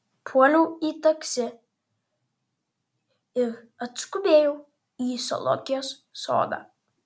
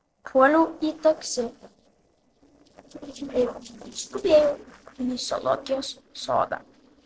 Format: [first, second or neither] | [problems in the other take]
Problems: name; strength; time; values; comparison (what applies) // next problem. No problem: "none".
first | noise reduction (neural separator model SepFormer DNS4)